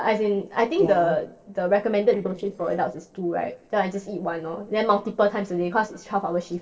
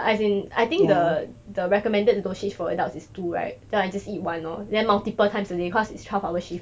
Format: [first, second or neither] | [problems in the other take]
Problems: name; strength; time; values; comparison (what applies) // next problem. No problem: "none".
second | noise reduction (neural separator model SepFormer DNS4)